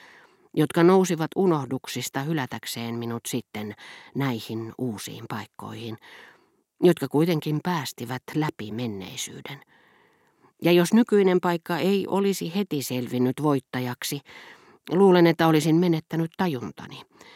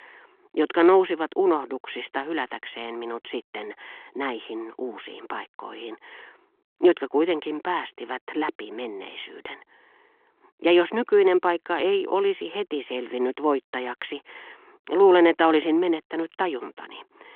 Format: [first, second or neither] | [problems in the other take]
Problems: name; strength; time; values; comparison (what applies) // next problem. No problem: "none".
first | phone-call audio